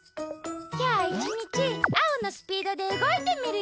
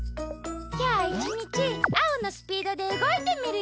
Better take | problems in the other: first | background sound (Bowed string instrument); 15 dB below the speech

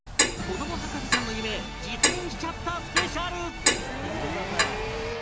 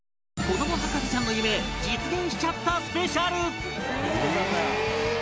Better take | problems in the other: second | background sound (Clock); 3 dB above the speech

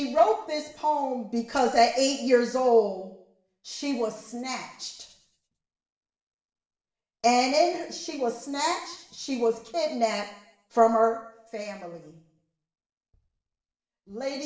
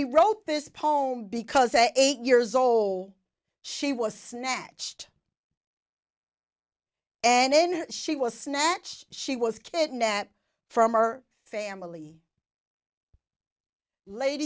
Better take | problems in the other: second | room echo; dies away in 0.7 s

